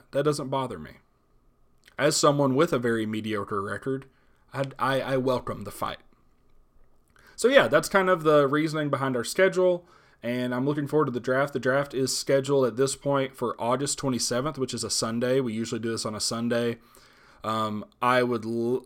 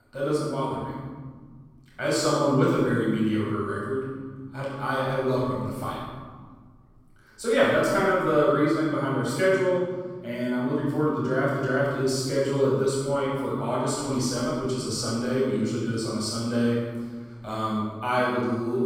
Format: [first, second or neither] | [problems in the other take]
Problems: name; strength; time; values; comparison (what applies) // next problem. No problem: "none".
first | room echo; strong; dies away in 1.8 s // off-mic speech; far